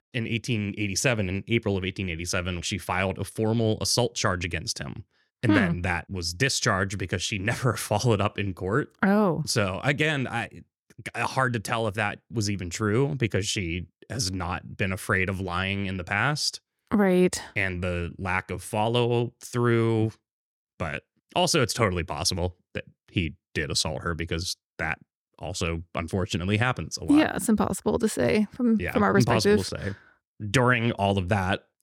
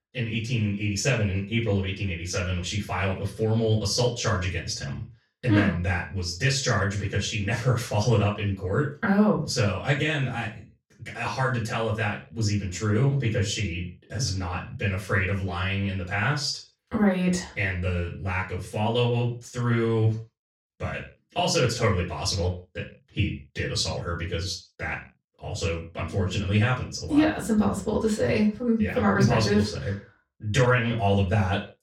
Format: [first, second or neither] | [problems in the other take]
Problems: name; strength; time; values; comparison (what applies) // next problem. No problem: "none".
first | room echo; noticeable; dies away in 0.3 s // off-mic speech; far